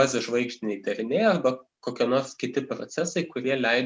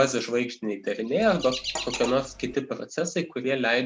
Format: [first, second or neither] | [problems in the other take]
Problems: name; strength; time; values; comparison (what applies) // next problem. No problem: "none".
first | background sound (Chirp, tweet + Cutlery, silverware); 11 dB below the speech